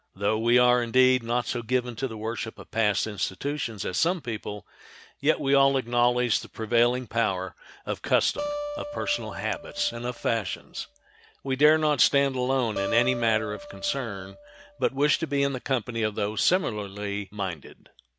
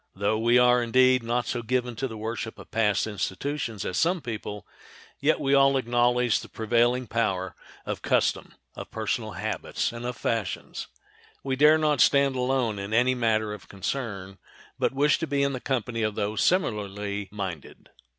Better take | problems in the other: second | background sound (Acoustic guitar); 10 dB below the speech

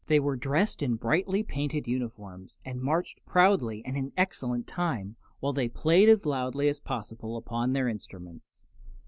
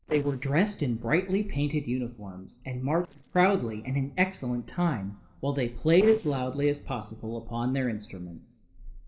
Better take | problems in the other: first | noise reduction (neural separator model SepFormer DNS4)

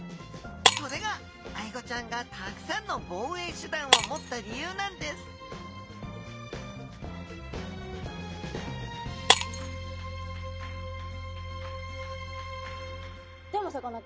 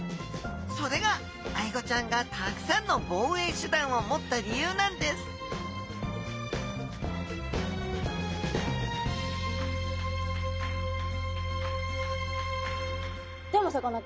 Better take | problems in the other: second | background sound (Shatter); 3 dB above the speech

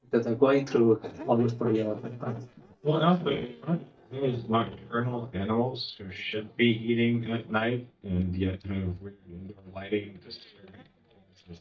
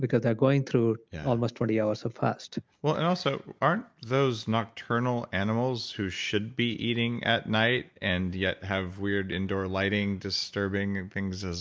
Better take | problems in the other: second | noise reduction (neural mask model DeepFilterNet 3)

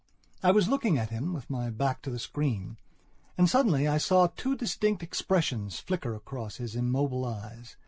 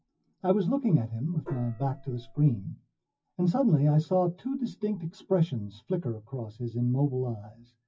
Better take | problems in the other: first | noise reduction (classical method WPE with log-MMSE)

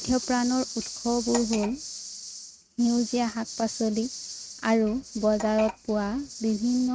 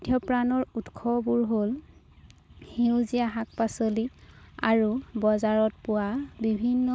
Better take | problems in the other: second | noise reduction (neural mask model RNNoise)

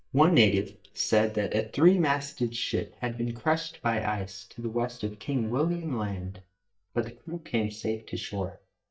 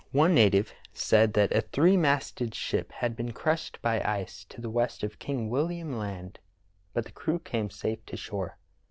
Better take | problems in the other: second | noise reduction (neural mask model DeepFilterNet 3)

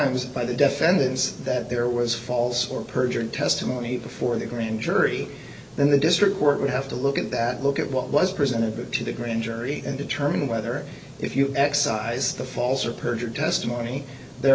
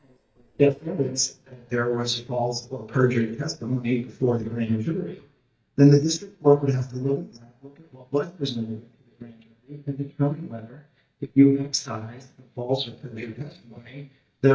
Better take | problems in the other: first | noise reduction (neural mask model DeepFilterNet 3)

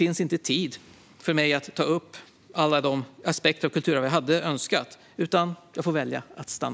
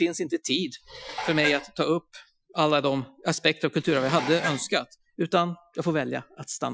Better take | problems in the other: first | noise reduction (classical method Wiener filter)

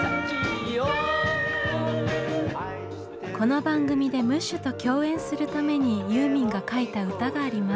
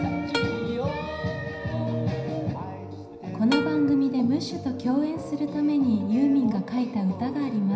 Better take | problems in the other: first | background sound (Plucked string instrument); 12 dB below the speech // room echo; dies away in 0.9 s

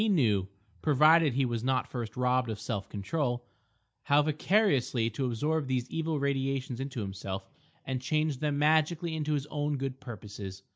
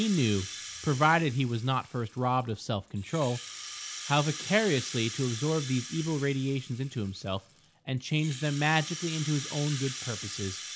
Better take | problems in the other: first | background sound (Rattle (instrument)); 12 dB below the speech

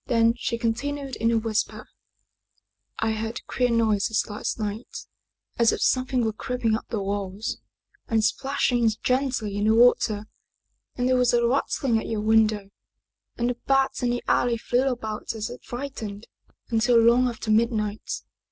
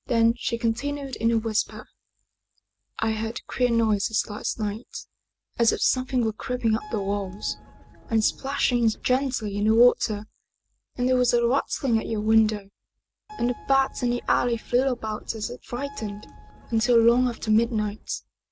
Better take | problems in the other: first | background sound (Keyboard (musical)); 19 dB below the speech

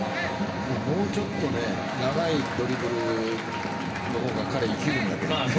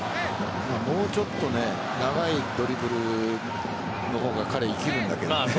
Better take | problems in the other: second | background sound (Applause); 12 dB below the speech // room echo; dies away in 2.5 s

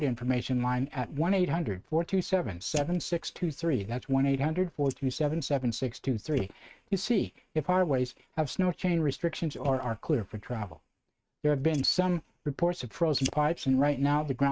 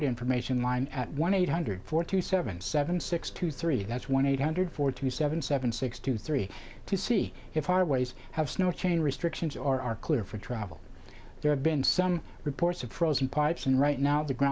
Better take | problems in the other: second | noise reduction (neural mask model RNNoise)

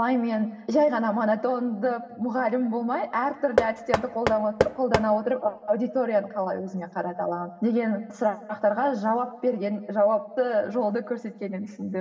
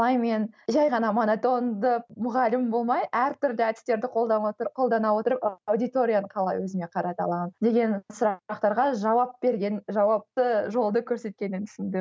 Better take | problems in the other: second | background sound (Knock); 3 dB below the speech // room echo; dies away in 1.4 s

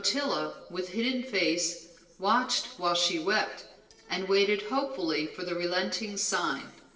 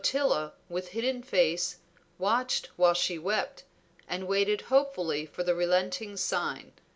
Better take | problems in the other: second | noise reduction (neural separator model SepFormer DNS4)

